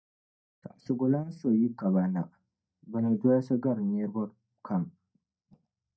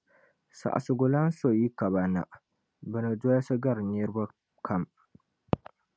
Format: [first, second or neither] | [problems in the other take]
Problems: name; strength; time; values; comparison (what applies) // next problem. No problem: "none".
second | noise reduction (neural mask model DeepFilterNet 3)